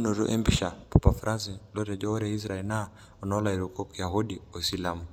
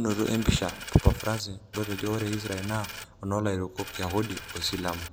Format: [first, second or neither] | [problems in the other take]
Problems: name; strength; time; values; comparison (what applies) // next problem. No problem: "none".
first | background sound (Coin (dropping)); 11 dB below the speech